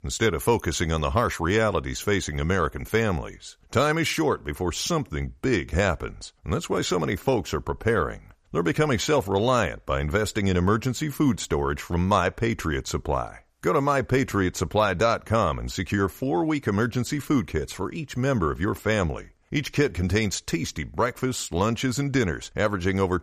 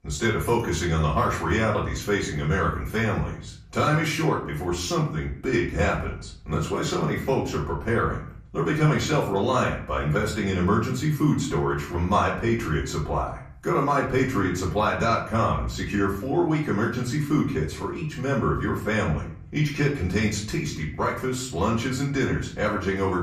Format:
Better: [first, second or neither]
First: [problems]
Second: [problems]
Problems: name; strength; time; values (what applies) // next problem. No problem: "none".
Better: first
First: none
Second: off-mic speech; far // room echo; slight; dies away in 0.5 s